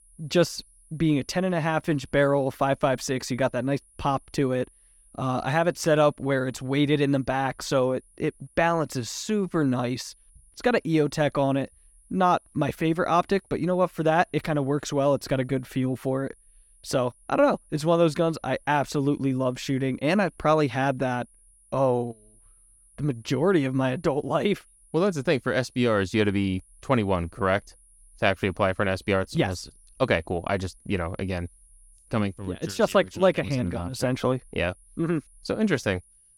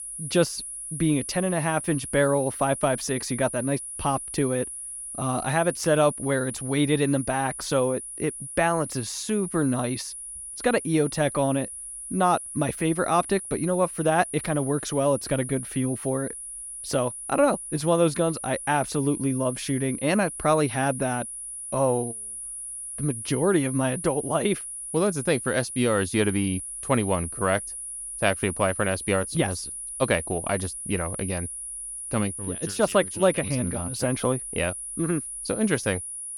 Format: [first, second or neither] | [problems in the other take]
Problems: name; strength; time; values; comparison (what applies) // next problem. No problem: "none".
first | high-pitched whine; loud; throughout; 9.5 kHz, 8 dB below the speech; faint in the first